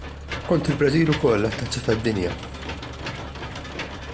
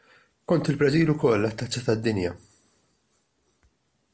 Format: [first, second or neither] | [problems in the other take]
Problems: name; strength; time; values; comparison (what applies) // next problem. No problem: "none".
second | background sound (Engine / Mechanisms); 8 dB below the speech